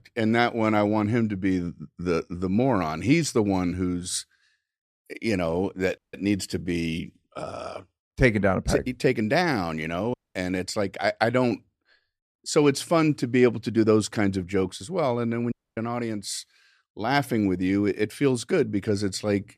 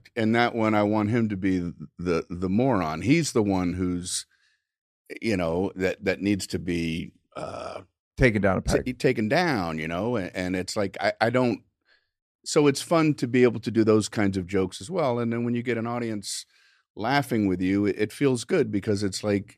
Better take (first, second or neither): second